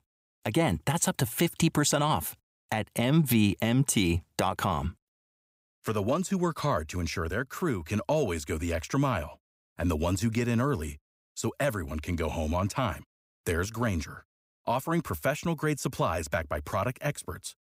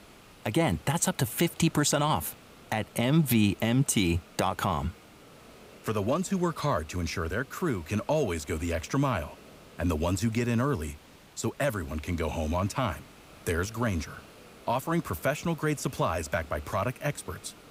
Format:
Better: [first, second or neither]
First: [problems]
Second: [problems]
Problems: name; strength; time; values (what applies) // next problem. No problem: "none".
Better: first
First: none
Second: hiss; faint; throughout; 20 dB below the speech